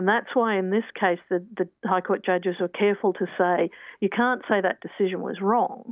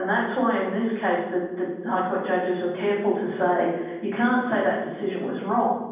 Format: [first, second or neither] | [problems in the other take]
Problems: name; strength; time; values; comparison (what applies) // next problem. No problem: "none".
first | room echo; dies away in 1.2 s